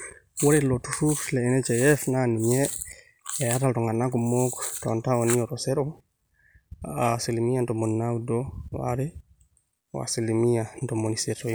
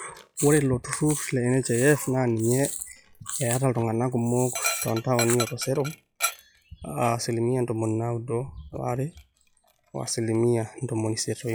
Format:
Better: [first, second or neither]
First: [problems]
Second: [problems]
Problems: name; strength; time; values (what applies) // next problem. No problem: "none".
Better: first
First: none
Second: noise reduction (classical method log-MMSE)